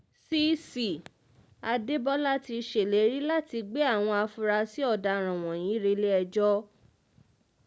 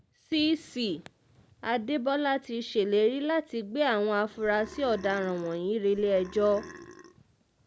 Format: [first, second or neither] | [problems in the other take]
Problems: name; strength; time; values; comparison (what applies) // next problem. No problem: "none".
first | background sound (Burping, eructation); 18 dB below the speech